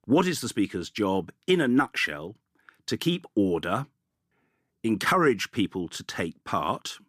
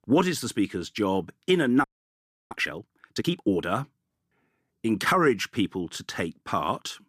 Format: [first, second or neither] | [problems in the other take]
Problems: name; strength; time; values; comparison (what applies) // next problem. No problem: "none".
first | audio freezing; at 2 s for 0.5 s